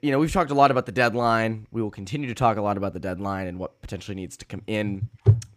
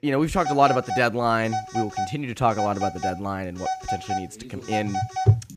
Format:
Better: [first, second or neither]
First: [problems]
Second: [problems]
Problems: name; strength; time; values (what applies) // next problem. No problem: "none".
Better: first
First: none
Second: phone ringing; noticeable; peak 4 dB below the speech